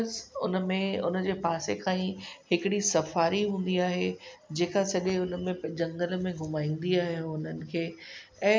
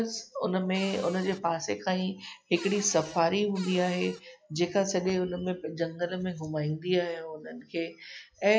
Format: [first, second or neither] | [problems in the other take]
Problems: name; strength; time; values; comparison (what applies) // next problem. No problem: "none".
first | noise reduction (classical method log-MMSE)